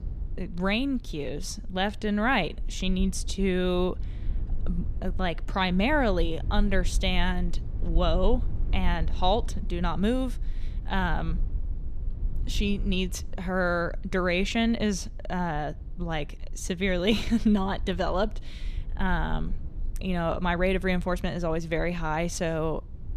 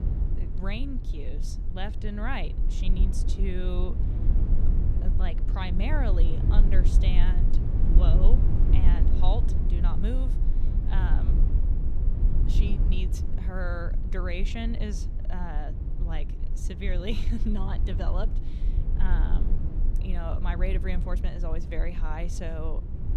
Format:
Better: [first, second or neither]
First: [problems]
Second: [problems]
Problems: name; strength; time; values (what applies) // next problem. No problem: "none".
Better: first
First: low rumble; faint; throughout; 25 dB below the speech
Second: low rumble; loud; throughout; 6 dB below the speech